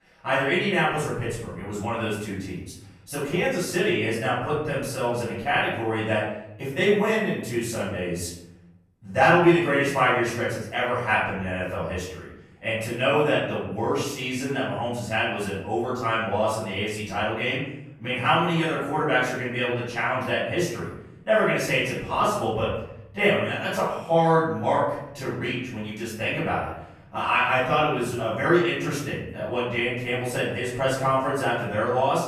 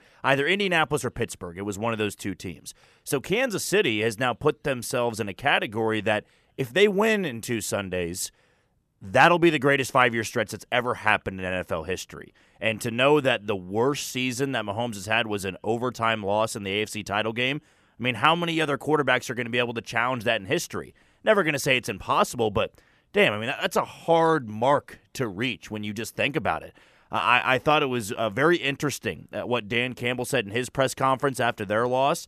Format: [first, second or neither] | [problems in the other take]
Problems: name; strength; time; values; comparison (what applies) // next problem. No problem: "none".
second | room echo; noticeable; dies away in 0.8 s // off-mic speech; far